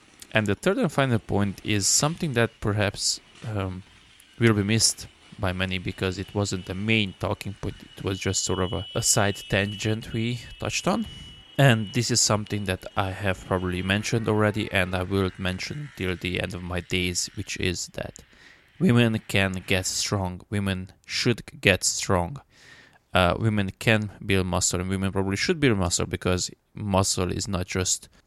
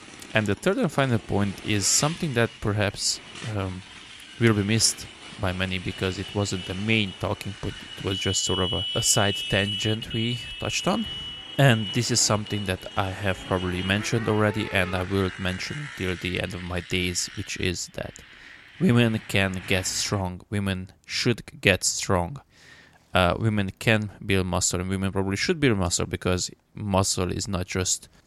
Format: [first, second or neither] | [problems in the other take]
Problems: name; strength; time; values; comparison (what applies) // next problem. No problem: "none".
first | traffic noise; loud; throughout; 10 dB below the speech; faint in the first